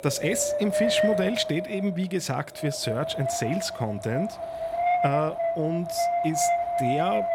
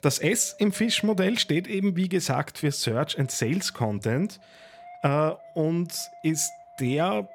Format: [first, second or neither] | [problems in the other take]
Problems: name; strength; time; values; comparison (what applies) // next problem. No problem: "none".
second | wind noise on the microphone; heavy; 3 dB above the speech; occasional gusts in the second